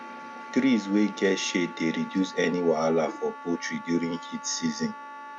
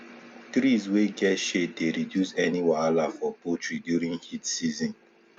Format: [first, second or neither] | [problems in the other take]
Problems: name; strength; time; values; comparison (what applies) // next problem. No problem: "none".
second | background sound (Wind instrument, woodwind instrument); 14 dB below the speech